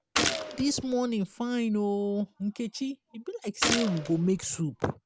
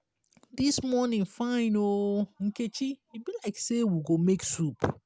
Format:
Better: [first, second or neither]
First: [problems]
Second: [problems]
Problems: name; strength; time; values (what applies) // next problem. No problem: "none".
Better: second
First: background sound (Gunshot, gunfire); 3 dB below the speech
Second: none